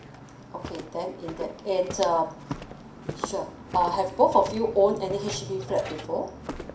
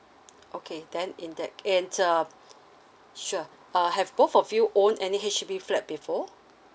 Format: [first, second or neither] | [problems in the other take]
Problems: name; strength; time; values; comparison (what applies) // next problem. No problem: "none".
second | background sound (Walk, footsteps); 11 dB below the speech // room echo; dies away in 0.5 s